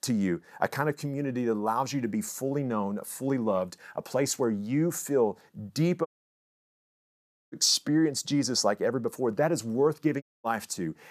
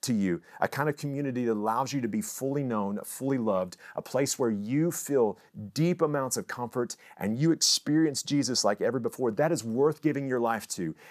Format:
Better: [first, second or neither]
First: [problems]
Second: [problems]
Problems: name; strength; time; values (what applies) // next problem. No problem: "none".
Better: second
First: audio cutting out; at 6 s for 1.5 s and at 10 s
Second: none